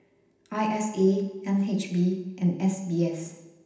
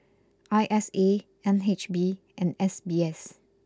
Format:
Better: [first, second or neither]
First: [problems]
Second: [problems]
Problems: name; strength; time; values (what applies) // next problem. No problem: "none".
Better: second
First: room echo; dies away in 0.9 s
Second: none